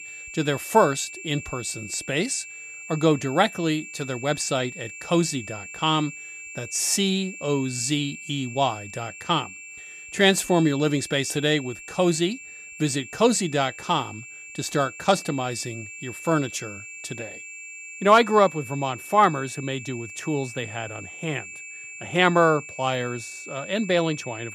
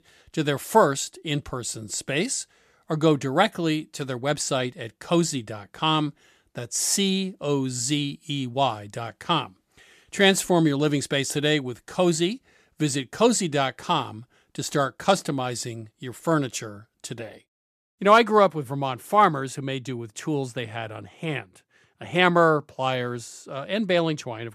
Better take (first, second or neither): second